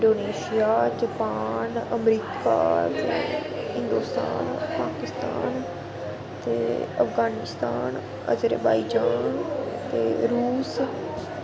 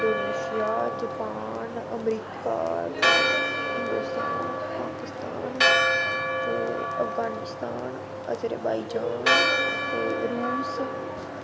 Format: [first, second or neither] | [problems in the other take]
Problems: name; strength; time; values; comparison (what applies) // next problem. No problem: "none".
first | background sound (Church bell); 3 dB above the speech